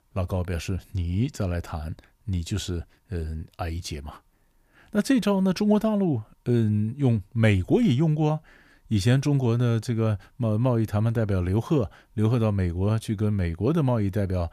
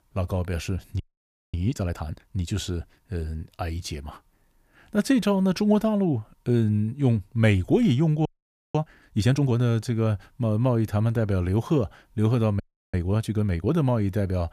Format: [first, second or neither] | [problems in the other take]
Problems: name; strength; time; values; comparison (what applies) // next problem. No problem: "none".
first | audio freezing; at 1 s for 0.5 s, at 8.5 s and at 13 s